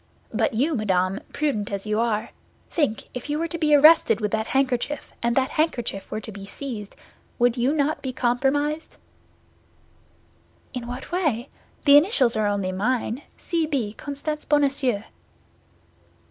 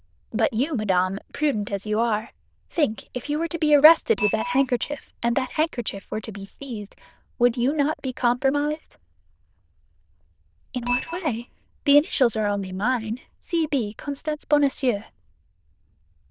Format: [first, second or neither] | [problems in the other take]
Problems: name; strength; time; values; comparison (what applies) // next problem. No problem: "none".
first | noise reduction (neural diffusion model UNIVERSE++)